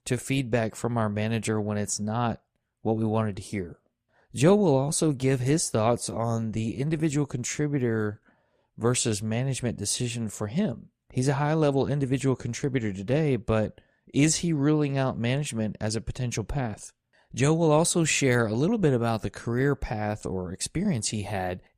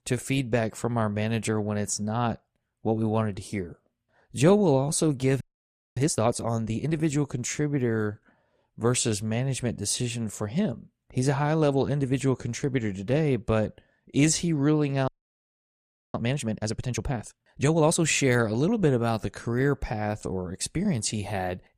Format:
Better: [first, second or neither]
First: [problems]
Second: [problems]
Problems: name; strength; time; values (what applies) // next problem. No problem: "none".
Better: first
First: none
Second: audio freezing; at 5.5 s for 0.5 s and at 15 s for 1 s